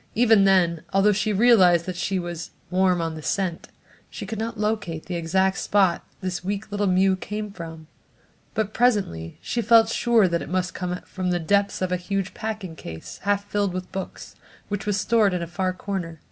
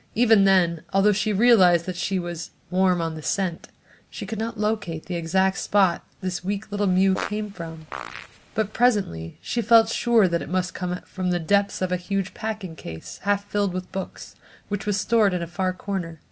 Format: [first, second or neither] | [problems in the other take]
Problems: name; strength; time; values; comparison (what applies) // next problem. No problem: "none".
first | background sound (Fart); 13 dB below the speech